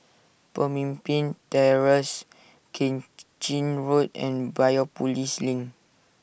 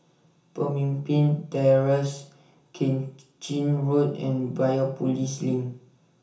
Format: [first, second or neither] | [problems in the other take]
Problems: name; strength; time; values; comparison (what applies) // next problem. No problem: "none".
first | room echo; dies away in 0.7 s